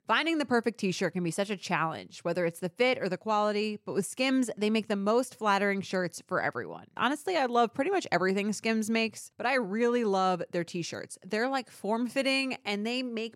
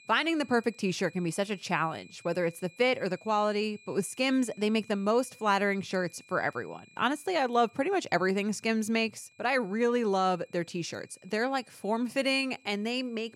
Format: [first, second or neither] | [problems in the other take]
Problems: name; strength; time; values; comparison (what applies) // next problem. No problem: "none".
first | high-pitched whine; faint; throughout; 2.5 kHz, 25 dB below the speech